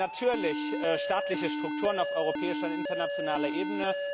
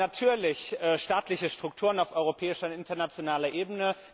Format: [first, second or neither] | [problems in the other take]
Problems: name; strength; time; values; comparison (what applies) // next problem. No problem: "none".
second | background sound (Alarm); 1 dB below the speech